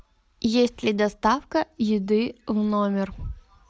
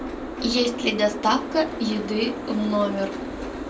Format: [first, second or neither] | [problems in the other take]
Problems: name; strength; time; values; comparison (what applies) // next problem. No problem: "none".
first | background sound (Boat, Water vehicle); 7 dB below the speech // room echo; dies away in 0.2 s